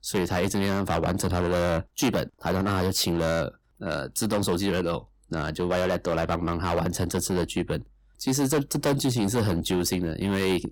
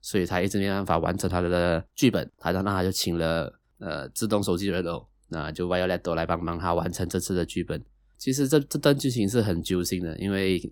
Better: second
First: distortion; heavy; 11% of the sound clipped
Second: none

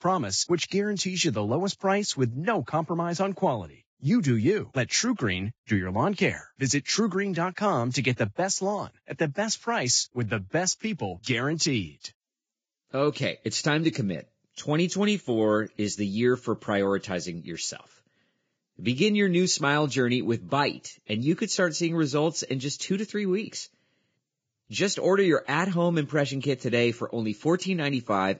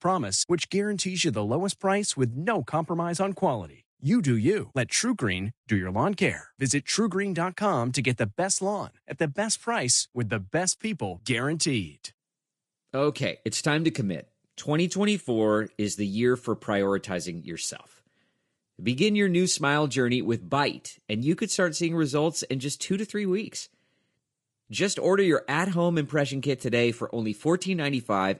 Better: second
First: garbled, watery; badly; nothing above 7.5 kHz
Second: garbled, watery; slightly; nothing above 10 kHz

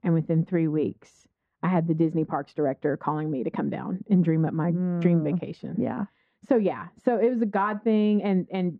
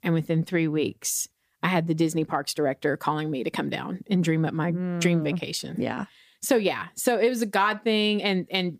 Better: second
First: muffled; very; fading above 1 kHz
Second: none

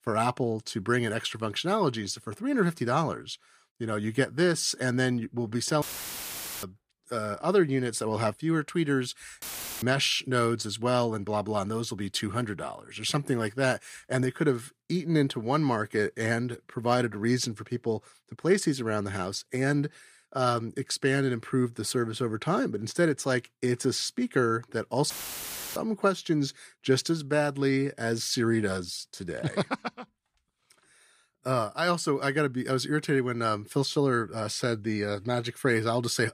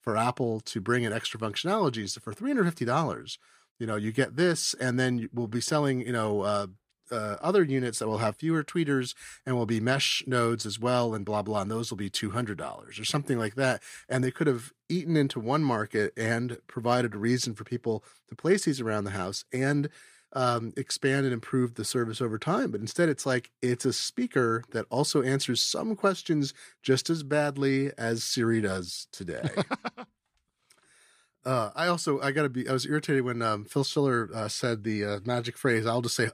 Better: second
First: audio cutting out; filled with static; at 6 s for 1 s, at 9.5 s and at 25 s for 0.5 s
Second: none

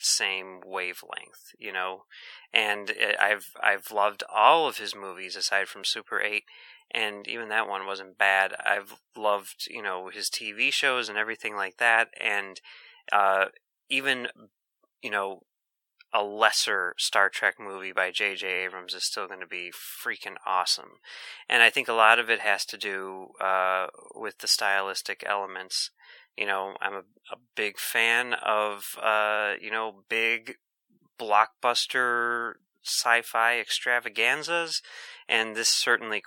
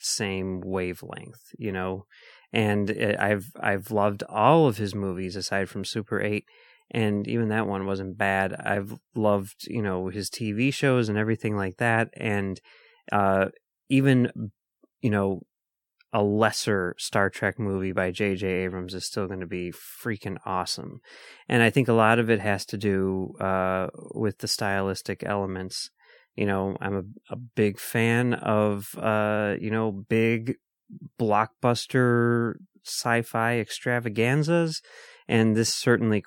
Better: second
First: thin; very; fading below 900 Hz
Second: none

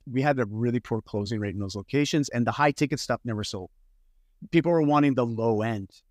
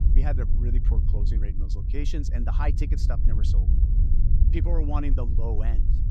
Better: first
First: none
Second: low rumble; loud; throughout; 6 dB below the speech

